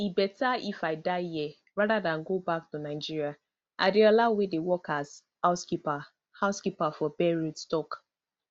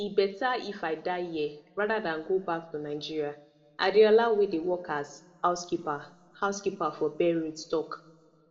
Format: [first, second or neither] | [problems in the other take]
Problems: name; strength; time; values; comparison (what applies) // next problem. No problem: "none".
first | room echo; dies away in 1 s